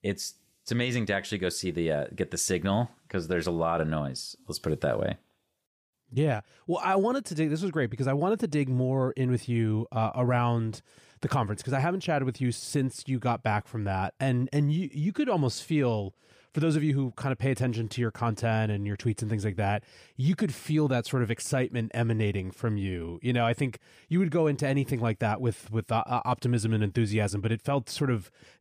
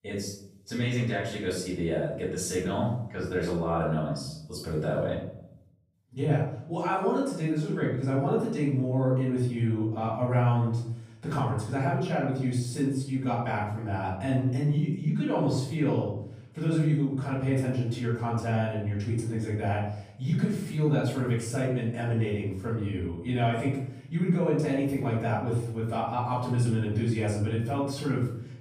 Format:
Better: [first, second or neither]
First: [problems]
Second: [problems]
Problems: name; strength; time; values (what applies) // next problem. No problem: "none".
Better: first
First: none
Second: off-mic speech; far // room echo; noticeable; dies away in 0.6 s